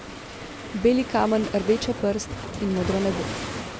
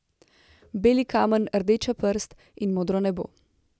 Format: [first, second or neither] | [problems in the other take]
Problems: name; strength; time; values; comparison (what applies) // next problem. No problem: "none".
second | background sound (Waves, surf); 8 dB below the speech